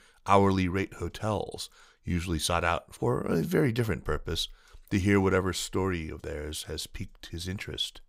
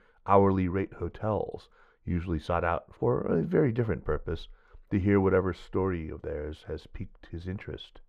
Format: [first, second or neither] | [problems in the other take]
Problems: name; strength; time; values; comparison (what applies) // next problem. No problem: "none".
first | muffled; very; fading above 3.5 kHz